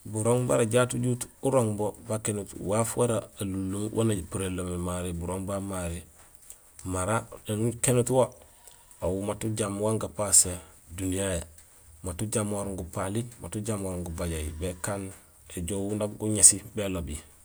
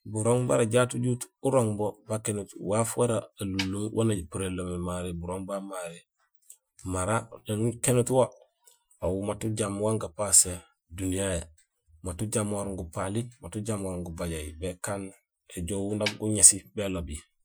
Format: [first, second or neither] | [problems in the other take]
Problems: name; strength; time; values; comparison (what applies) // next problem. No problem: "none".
first | noise reduction (classical method Wiener filter)